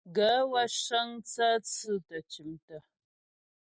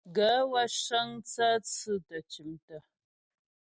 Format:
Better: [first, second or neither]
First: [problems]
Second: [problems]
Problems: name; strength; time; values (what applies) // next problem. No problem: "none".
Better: second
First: noise reduction (neural mask model Resemble Enhance denoiser)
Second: none